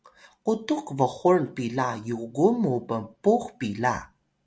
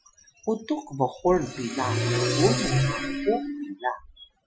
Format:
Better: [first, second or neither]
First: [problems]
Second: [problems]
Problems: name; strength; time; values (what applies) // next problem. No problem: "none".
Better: first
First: none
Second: noise reduction (classical method Wiener filter)